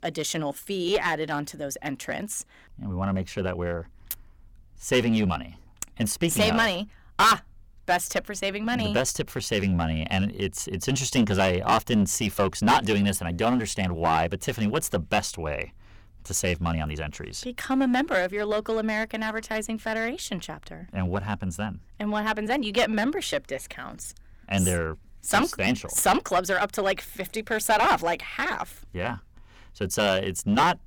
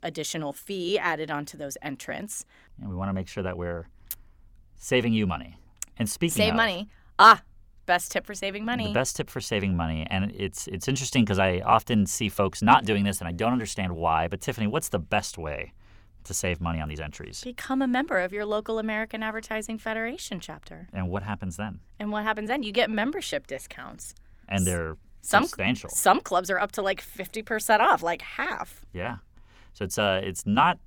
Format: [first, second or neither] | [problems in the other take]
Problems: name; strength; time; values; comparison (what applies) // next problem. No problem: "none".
second | distortion; heavy; 4% of the sound clipped